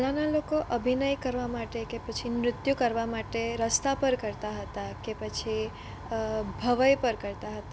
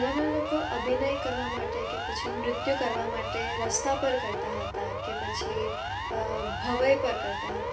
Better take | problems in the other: first | background sound (Siren); 3 dB below the speech // room echo; dies away in 0.3 s

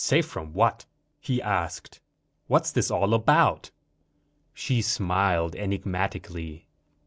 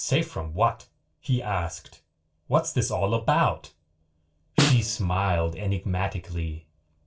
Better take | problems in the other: first | background sound (Snare drum); 1 dB below the speech // room echo; dies away in 0.2 s

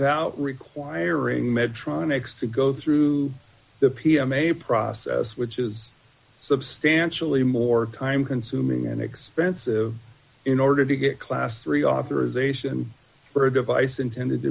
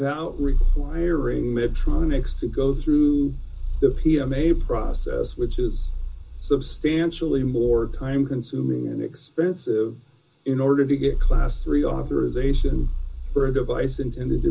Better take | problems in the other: first | background sound (Purr); 2 dB below the speech // room echo; dies away in 0.2 s

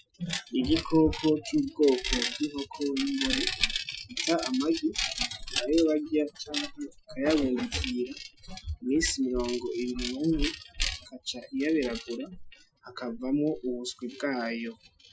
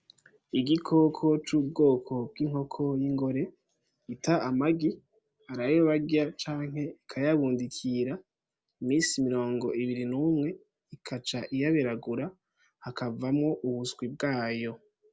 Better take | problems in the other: second | noise reduction (classical method Wiener filter)

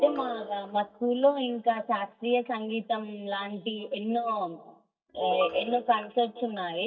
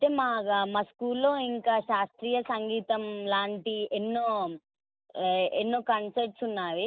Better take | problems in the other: second | noise reduction (neural mask model DeepFilterNet 3)

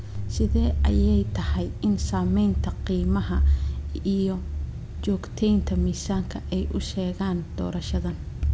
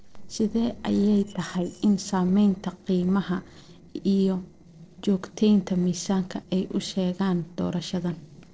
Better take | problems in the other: first | noise reduction (neural separator model SepFormer DNS4)

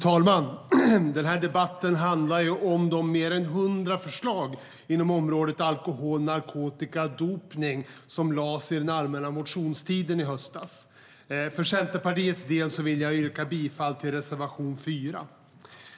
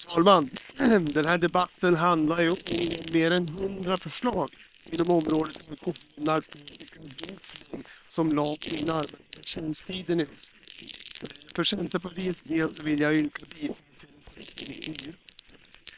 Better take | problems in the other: first | noise reduction (neural separator model SepFormer WHAM!)

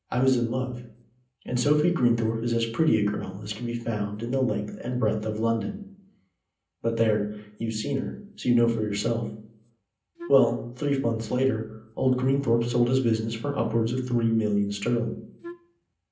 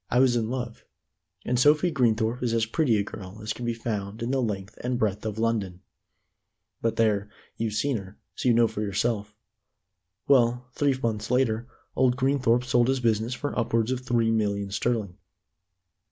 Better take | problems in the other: second | background sound (Wind instrument, woodwind instrument); 16 dB below the speech // room echo; dies away in 0.6 s

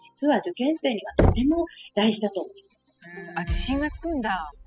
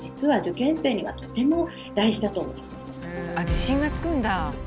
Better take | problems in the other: second | noise reduction (classical method spectral subtraction)

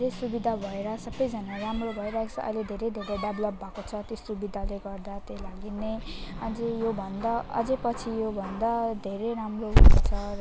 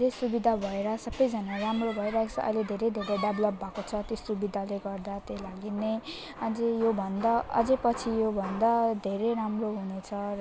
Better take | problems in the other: second | background sound (Growling / Hiss); 5 dB above the speech

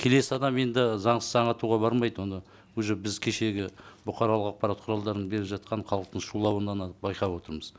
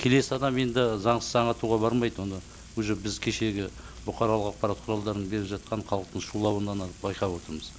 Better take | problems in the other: first | background sound (Frying (food)); 18 dB below the speech

